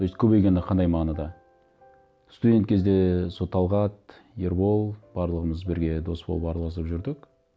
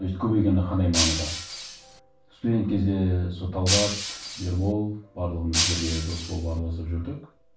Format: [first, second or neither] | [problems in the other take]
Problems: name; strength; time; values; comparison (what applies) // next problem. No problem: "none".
first | background sound (Shatter); 2 dB below the speech // room echo; dies away in 0.3 s